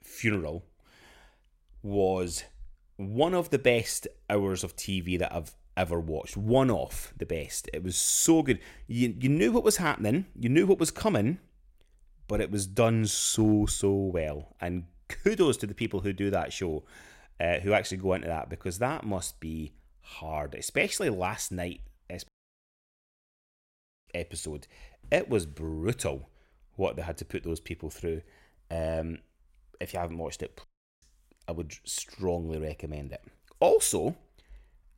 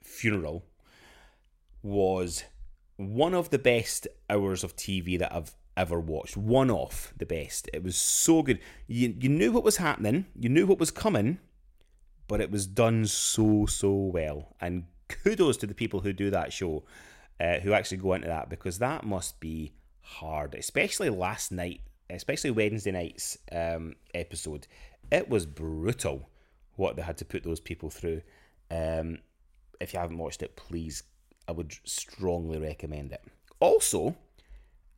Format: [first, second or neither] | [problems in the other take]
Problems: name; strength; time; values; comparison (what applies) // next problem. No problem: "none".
second | audio cutting out; at 22 s for 2 s and at 31 s